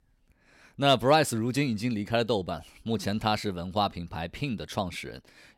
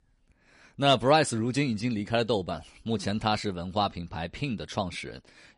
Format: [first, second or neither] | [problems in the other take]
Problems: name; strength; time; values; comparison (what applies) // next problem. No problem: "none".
first | garbled, watery; slightly; nothing above 10.5 kHz